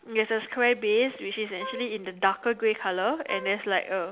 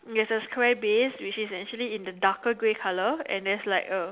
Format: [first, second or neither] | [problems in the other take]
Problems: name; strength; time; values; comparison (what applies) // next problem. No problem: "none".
second | background sound (Wind instrument, woodwind instrument); 13 dB below the speech